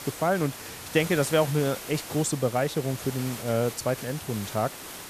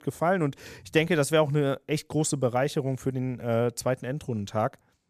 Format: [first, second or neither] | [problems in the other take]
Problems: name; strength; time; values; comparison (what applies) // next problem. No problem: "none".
second | hiss; noticeable; throughout; 10 dB below the speech